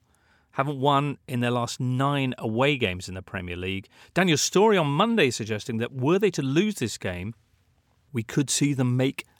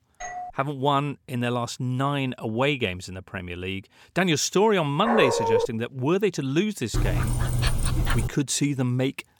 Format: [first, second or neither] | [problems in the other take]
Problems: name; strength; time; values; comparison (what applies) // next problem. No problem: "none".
first | doorbell; noticeable; at the start; peak 10 dB below the speech // dog barking; loud; at 5 s and from 7 to 8.5 s; peak 3 dB above the speech